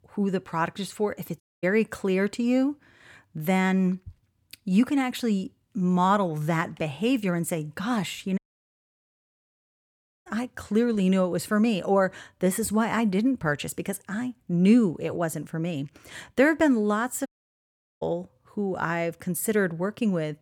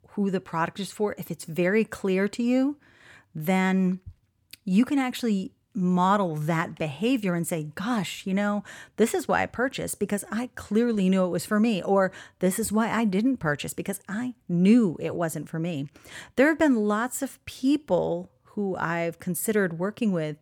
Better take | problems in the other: second | audio cutting out; at 1.5 s, at 8.5 s for 2 s and at 17 s for 1 s

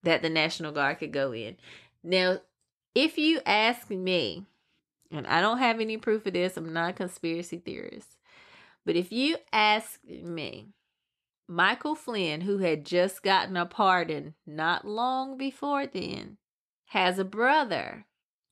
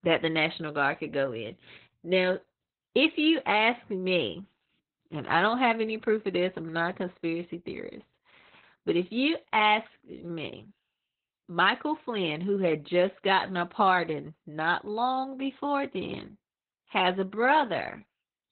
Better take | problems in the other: first | garbled, watery; badly; nothing above 4 kHz

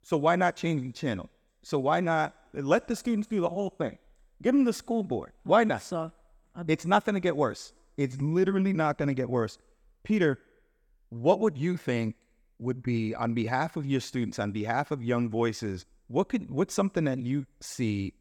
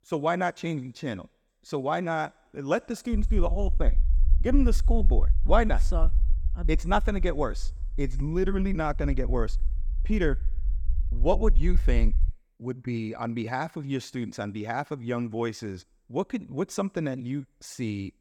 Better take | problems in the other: first | low rumble; faint; from 3 to 12 s; 20 dB below the speech

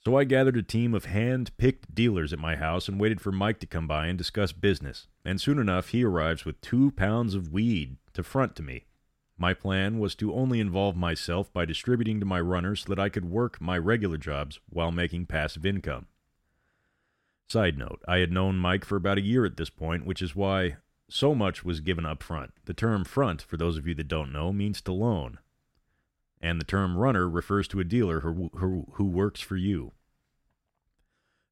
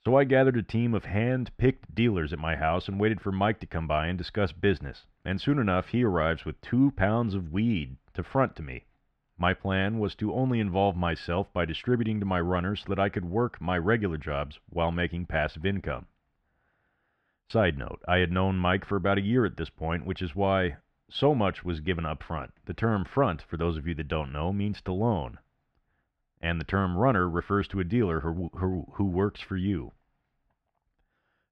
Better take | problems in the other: first | muffled; slightly; fading above 2.5 kHz

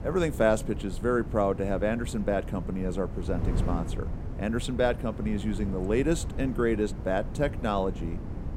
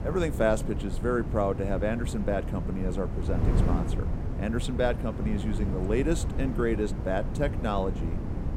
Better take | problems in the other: first | wind noise on the microphone; heavy; 9 dB below the speech; occasional gusts in the first

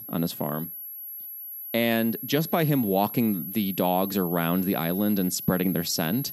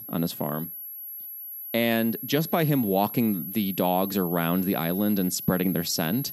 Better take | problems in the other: neither | high-pitched whine; loud; throughout; 11.5 kHz, 8 dB below the speech; the same in both

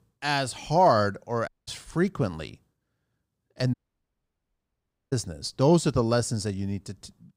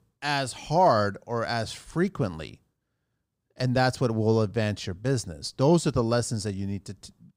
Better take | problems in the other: second | audio cutting out; at 1.5 s and at 3.5 s for 1.5 s

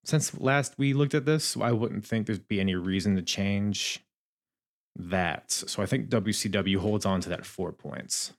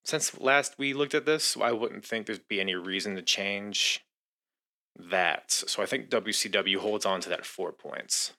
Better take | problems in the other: first | thin; somewhat; fading below 450 Hz

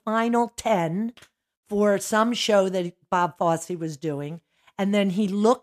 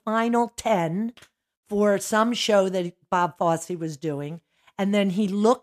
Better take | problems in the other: neither | none

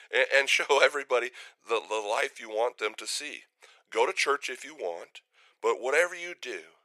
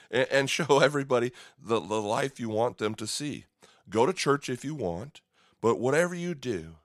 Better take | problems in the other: second | thin; very; fading below 450 Hz

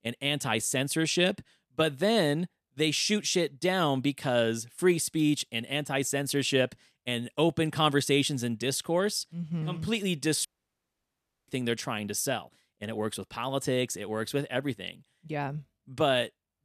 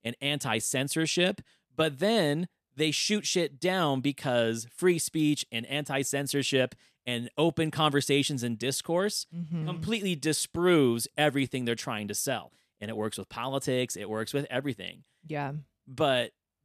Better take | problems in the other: second | audio cutting out; at 10 s for 1 s

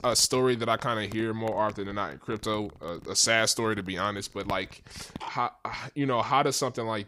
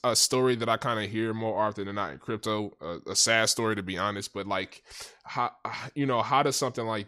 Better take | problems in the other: second | household noises; noticeable; throughout; 20 dB below the speech

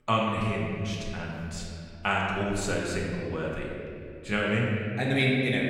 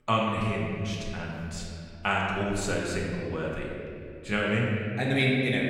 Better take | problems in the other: neither | room echo; noticeable; dies away in 2.2 s; the same in both // off-mic speech; far; the same in both

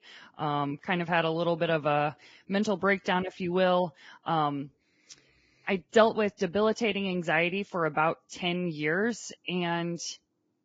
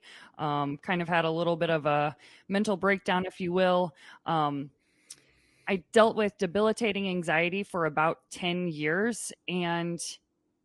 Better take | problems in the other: second | garbled, watery; badly; nothing above 7.5 kHz; slightly in the second

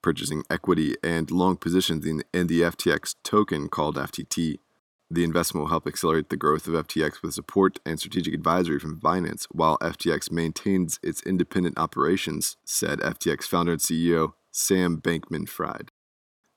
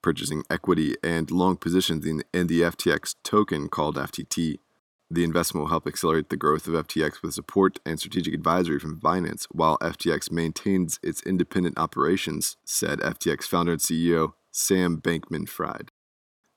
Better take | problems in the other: neither | none

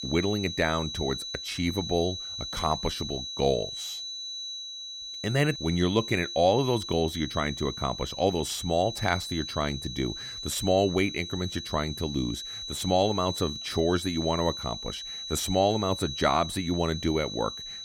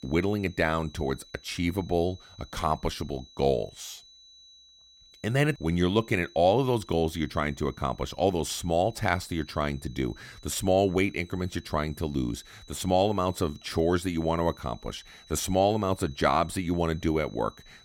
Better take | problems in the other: second | high-pitched whine; loud; throughout; 4 kHz, 7 dB below the speech; faint in the second

